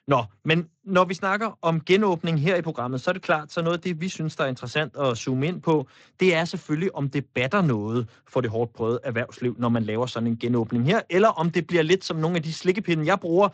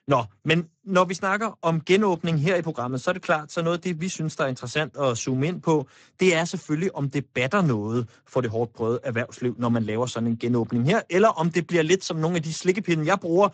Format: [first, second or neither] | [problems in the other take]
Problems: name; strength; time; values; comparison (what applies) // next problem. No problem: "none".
first | garbled, watery; badly; nothing above 7.5 kHz; slightly in the first